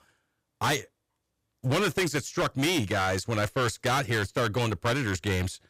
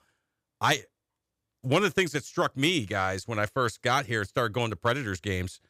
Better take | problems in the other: second | distortion; heavy; 15% of the sound clipped

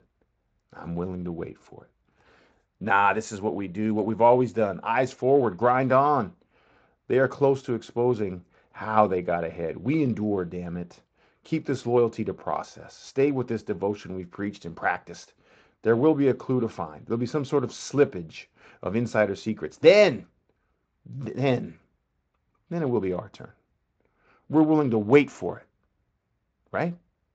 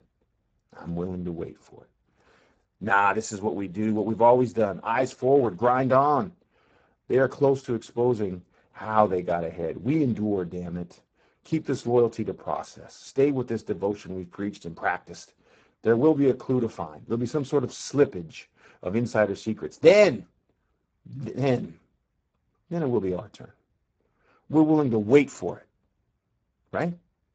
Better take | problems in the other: first | garbled, watery; badly; nothing above 7.5 kHz; slightly in the first

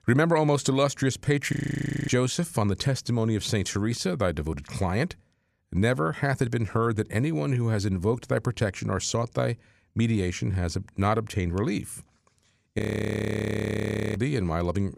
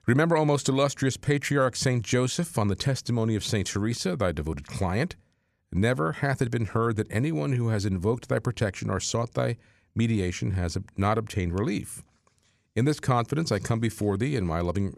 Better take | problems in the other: second | audio freezing; at 1.5 s for 0.5 s and at 13 s for 1.5 s

